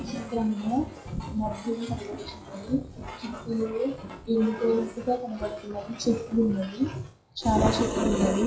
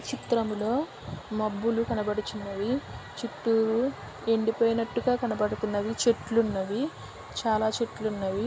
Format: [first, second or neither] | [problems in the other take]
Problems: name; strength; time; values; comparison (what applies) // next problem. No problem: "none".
second | noise reduction (classical method WPE with log-MMSE)